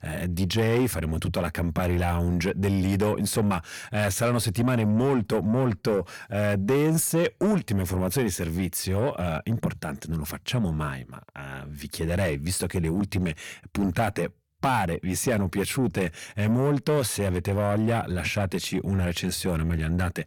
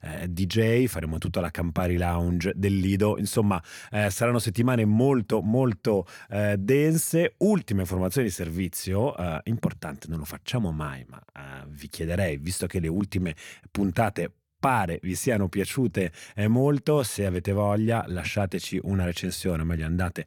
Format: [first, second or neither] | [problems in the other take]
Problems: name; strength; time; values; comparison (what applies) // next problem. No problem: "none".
second | distortion; slight; 10 dB below the speech